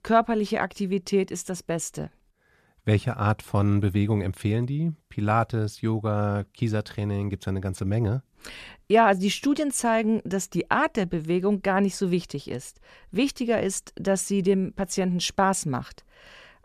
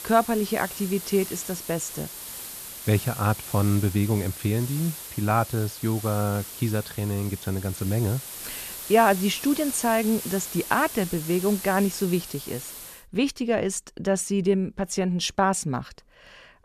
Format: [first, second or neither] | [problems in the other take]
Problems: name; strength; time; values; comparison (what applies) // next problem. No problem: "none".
first | hiss; loud; until 13 s; 10 dB below the speech